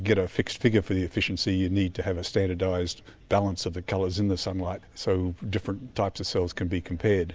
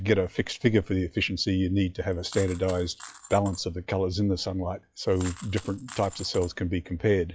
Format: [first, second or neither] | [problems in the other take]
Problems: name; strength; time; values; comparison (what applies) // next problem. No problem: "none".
first | noise reduction (classical method log-MMSE)